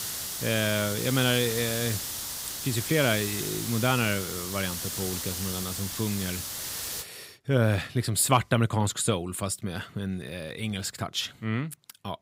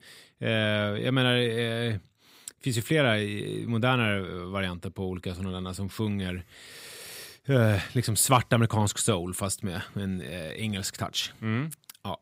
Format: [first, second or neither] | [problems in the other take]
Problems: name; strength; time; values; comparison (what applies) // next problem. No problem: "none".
second | hiss; loud; until 7 s; 4 dB below the speech